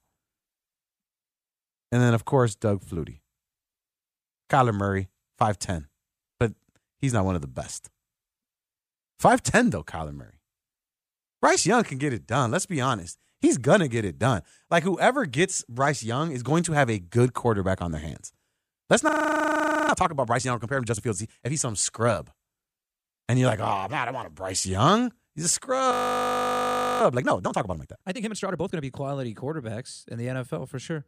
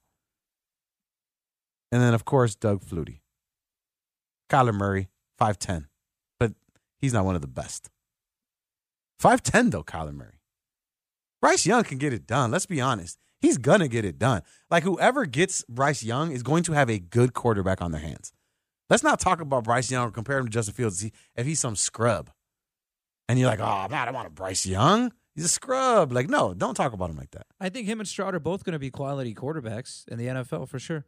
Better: second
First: audio freezing; at 19 s for 1 s and at 26 s for 1 s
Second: none

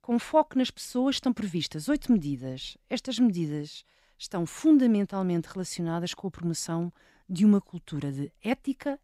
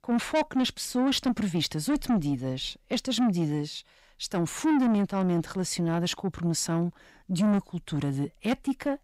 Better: first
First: none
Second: distortion; heavy; 7 dB below the speech

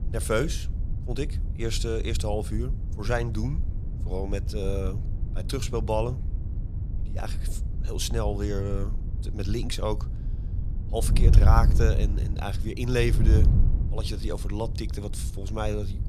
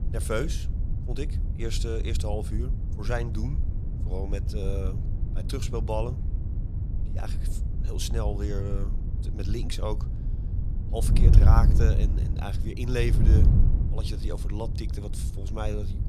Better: first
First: wind noise on the microphone; occasional gusts; 10 dB below the speech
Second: wind noise on the microphone; heavy; 7 dB below the speech

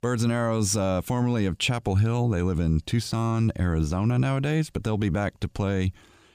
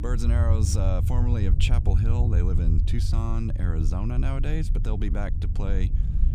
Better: first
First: none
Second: low rumble; loud; throughout; 6 dB below the speech

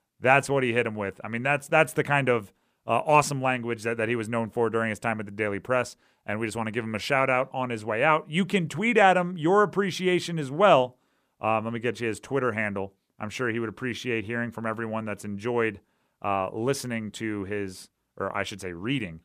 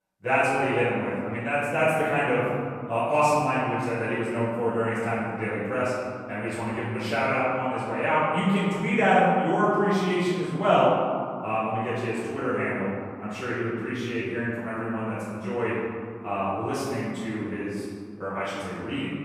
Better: first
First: none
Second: off-mic speech; far // room echo; strong; dies away in 2.2 s

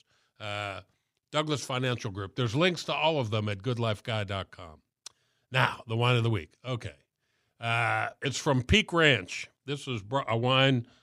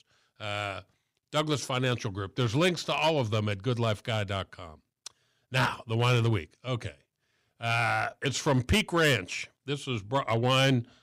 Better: first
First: none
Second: distortion; slight; 3% of the sound clipped

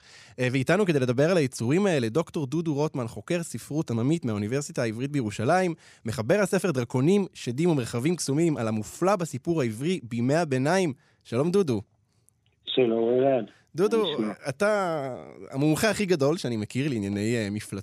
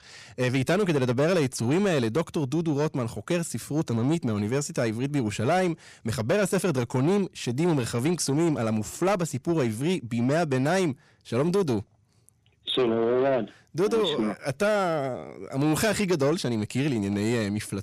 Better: first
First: none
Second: distortion; slight; 10 dB below the speech

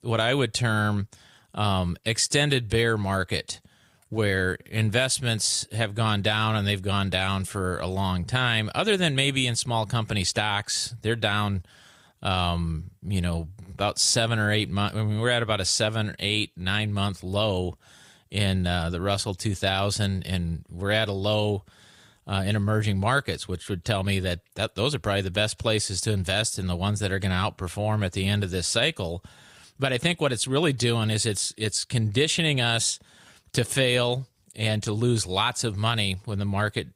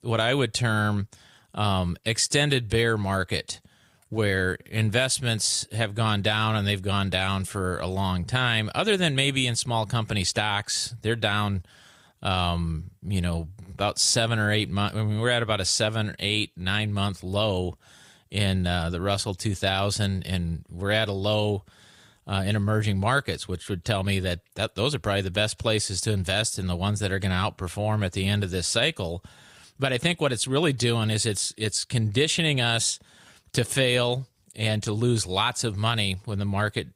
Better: neither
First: none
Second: none

